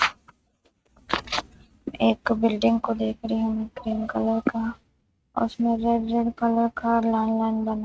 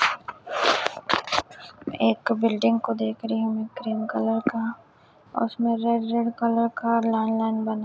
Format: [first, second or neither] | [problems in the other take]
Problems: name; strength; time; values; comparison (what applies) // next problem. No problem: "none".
second | noise reduction (neural mask model RNNoise)